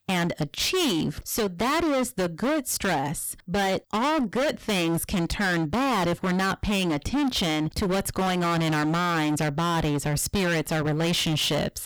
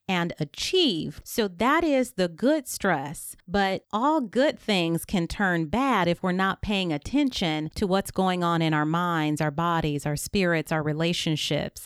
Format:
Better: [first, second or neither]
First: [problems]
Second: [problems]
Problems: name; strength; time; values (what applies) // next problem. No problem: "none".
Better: second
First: distortion; heavy; 32% of the sound clipped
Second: none